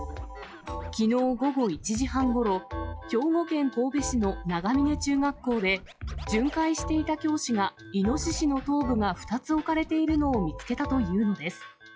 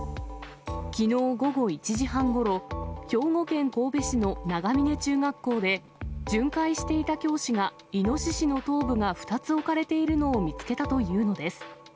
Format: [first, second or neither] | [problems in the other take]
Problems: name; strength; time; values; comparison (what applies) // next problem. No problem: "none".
second | noise reduction (classical method log-MMSE)